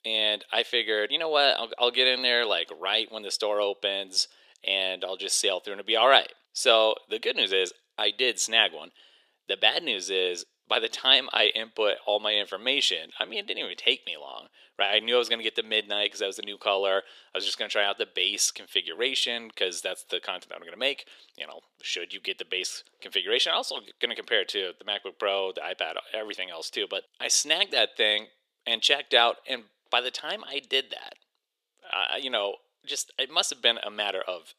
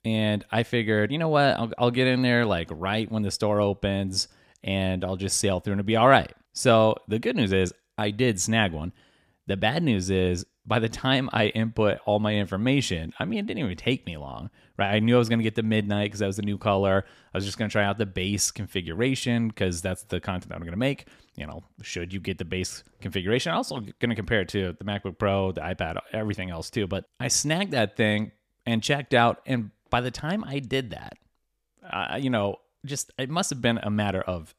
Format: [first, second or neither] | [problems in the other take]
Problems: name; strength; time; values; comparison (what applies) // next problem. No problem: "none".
second | thin; very; fading below 400 Hz